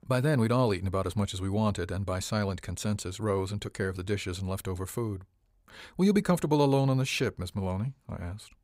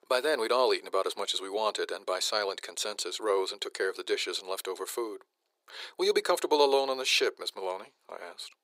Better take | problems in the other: first | thin; very; fading below 350 Hz

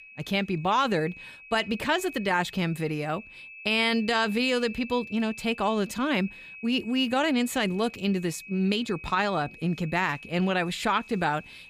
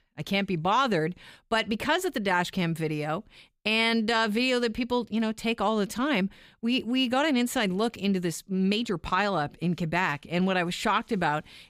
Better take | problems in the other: second | high-pitched whine; noticeable; throughout; 2.5 kHz, 15 dB below the speech

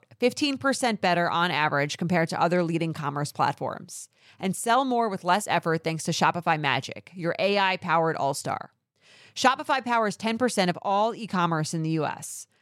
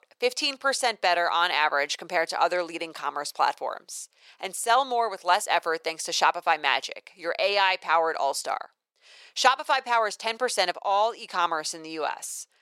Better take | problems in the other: first | thin; very; fading below 500 Hz

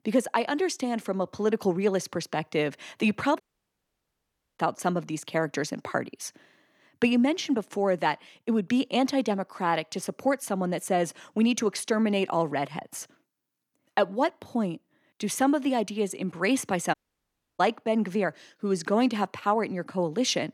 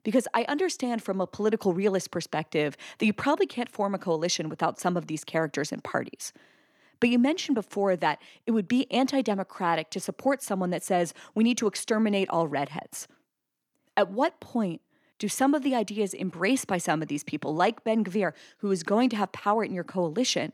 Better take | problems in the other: second | audio cutting out; at 3.5 s for 1 s and at 17 s for 0.5 s

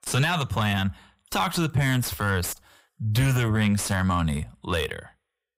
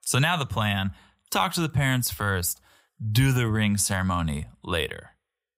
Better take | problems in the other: second | distortion; slight; 10 dB below the speech

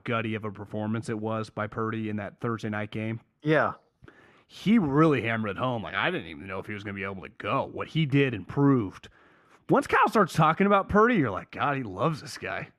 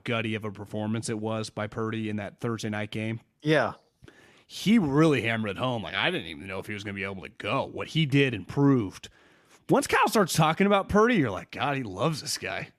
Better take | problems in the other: second | muffled; slightly; fading above 3 kHz

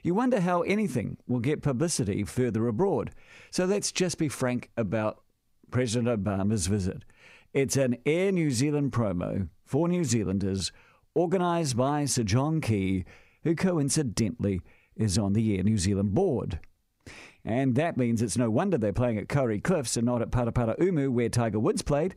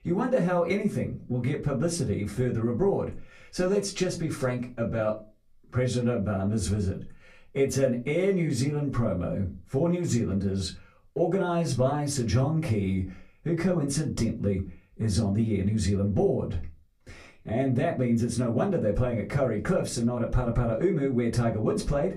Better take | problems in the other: first | off-mic speech; far // room echo; very slight; dies away in 0.3 s

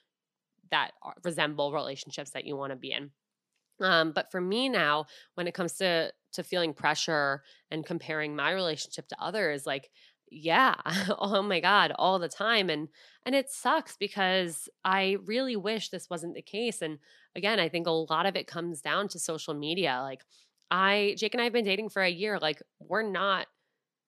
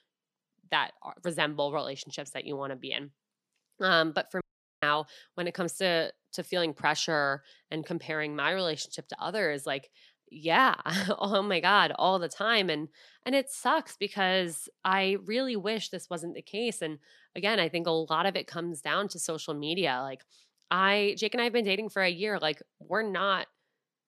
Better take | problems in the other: first | audio cutting out; at 4.5 s

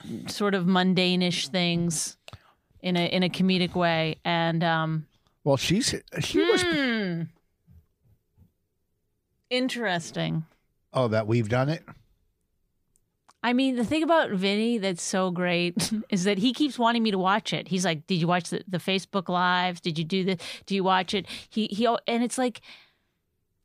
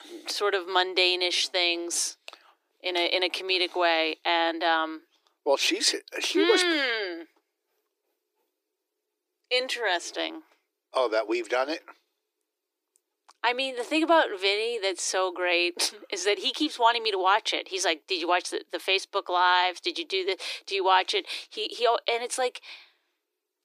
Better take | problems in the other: first | thin; very; fading below 300 Hz

